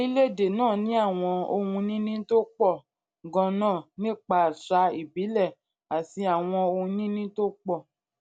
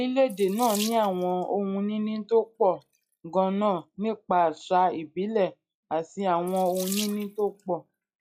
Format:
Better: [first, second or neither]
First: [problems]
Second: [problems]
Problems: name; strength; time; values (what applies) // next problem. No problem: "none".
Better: first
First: none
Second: noise reduction (classical method log-MMSE)